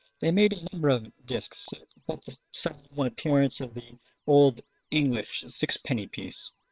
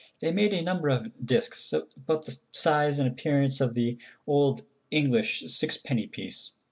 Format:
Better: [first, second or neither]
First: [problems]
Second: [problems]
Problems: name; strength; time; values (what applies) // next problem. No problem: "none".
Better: second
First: noise reduction (neural separator model SepFormer WHAM!)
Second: none